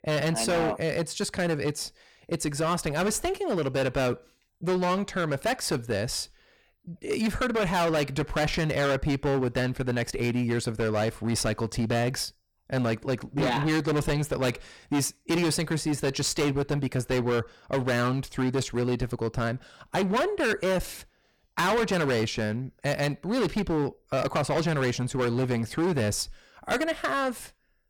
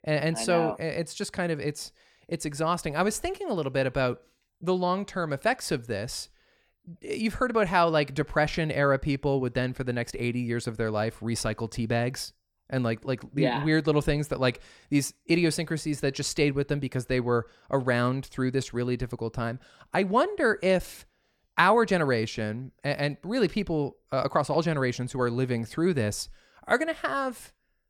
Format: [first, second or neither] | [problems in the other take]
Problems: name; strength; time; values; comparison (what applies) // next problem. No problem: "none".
second | distortion; heavy; 17% of the sound clipped